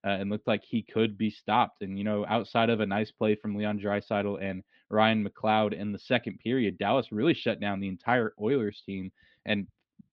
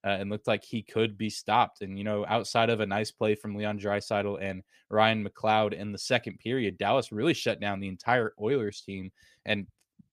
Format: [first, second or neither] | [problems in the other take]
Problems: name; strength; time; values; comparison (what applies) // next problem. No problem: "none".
second | muffled; slightly; fading above 4 kHz